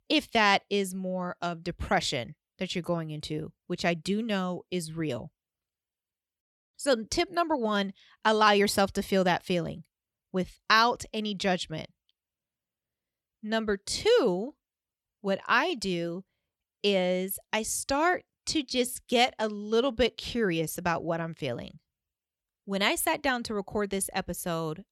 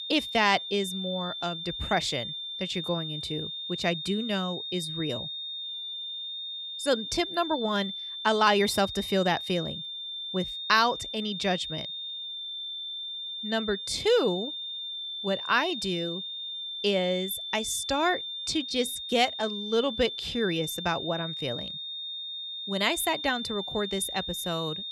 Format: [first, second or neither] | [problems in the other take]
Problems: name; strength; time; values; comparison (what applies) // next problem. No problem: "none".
first | high-pitched whine; loud; throughout; 3.5 kHz, 5 dB below the speech